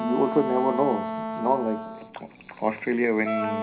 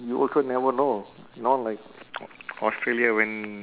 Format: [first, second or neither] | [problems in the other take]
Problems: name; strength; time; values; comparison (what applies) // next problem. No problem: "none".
second | background sound (Wind instrument, woodwind instrument); 6 dB below the speech // room echo; dies away in 0.4 s